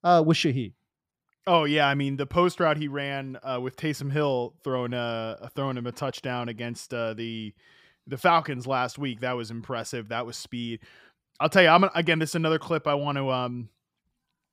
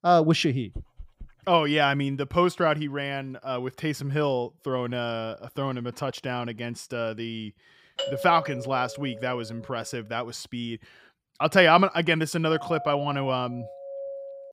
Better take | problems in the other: first | dog barking; faint; at 1 s; peak 20 dB below the speech // doorbell; noticeable; from 8 to 9.5 s; peak 5 dB below the speech // doorbell; faint; from 13 s on; peak 10 dB below the speech

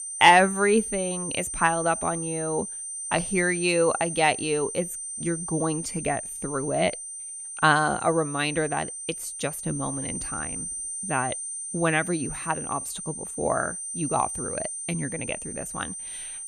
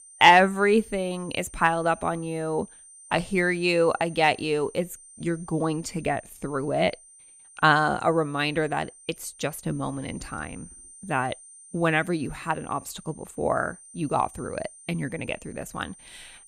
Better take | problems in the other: second | high-pitched whine; loud; throughout; 9 kHz, 6 dB below the speech; faint in the second

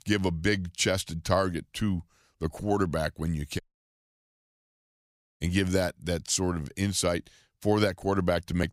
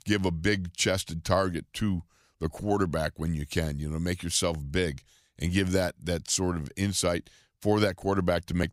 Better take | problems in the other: second | audio cutting out; at 3.5 s for 2 s

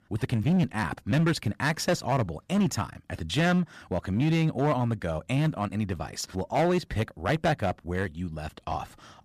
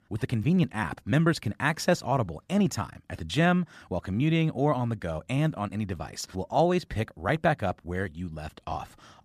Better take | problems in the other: second | distortion; slight; 7% of the sound clipped

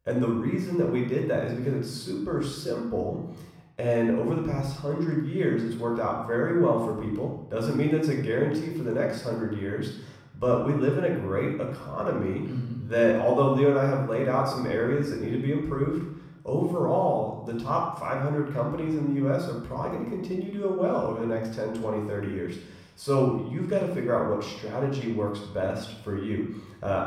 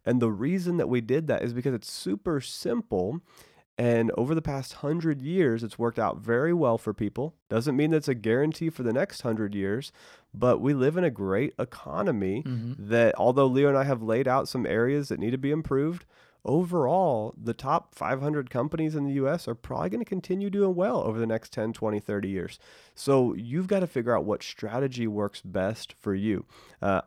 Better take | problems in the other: second | off-mic speech; somewhat distant // room echo; noticeable; dies away in 0.7 s

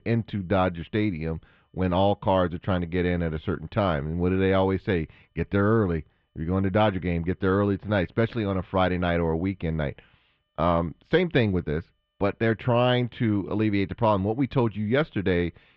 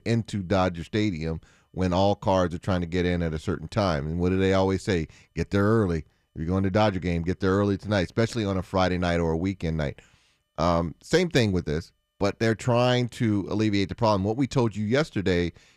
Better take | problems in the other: second | muffled; very; fading above 3.5 kHz

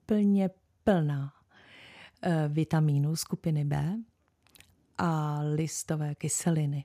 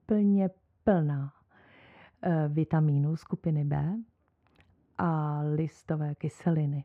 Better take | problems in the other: first | muffled; very; fading above 4 kHz

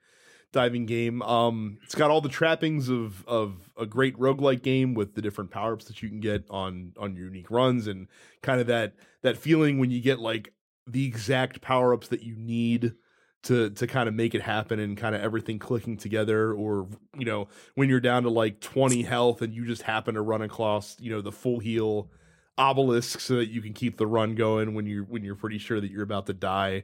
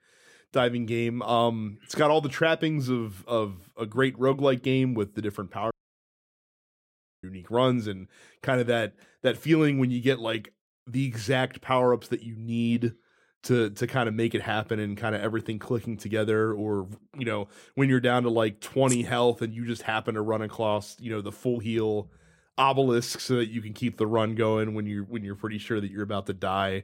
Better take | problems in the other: first | audio cutting out; at 5.5 s for 1.5 s

